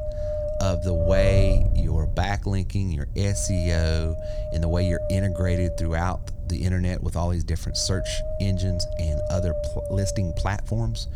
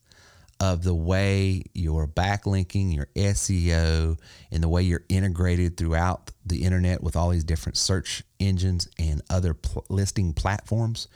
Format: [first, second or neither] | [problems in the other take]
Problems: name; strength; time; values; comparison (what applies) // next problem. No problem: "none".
second | wind noise on the microphone; heavy; 1 dB above the speech